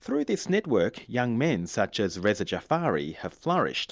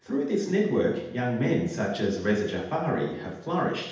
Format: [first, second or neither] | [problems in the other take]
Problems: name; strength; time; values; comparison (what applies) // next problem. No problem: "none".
first | room echo; dies away in 0.8 s